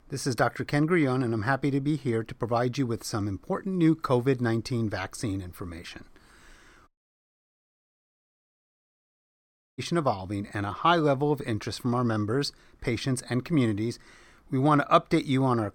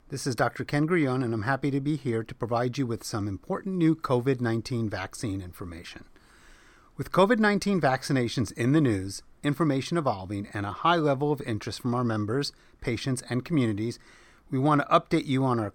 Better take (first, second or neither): second